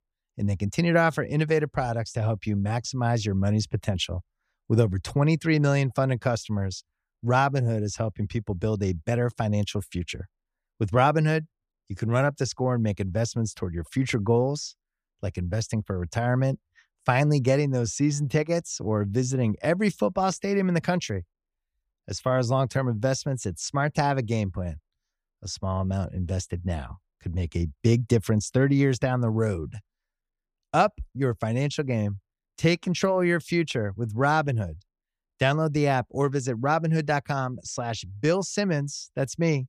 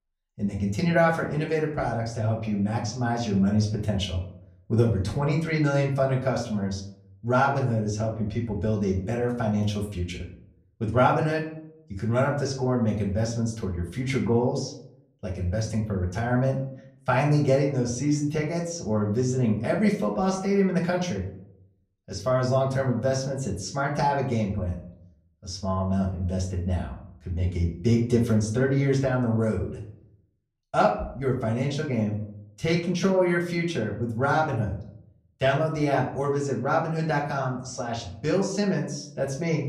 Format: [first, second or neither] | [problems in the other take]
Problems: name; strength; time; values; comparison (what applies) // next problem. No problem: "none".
first | off-mic speech; far // room echo; slight; dies away in 0.5 s